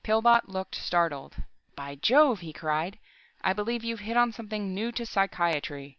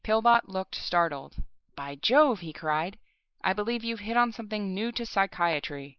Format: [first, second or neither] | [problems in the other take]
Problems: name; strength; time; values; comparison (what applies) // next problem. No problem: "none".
first | noise reduction (neural mask model Resemble Enhance denoiser)